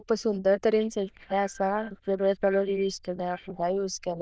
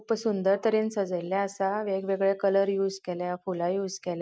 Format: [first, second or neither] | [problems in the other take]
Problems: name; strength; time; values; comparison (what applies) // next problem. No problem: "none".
second | noise reduction (neural diffusion model UNIVERSE++)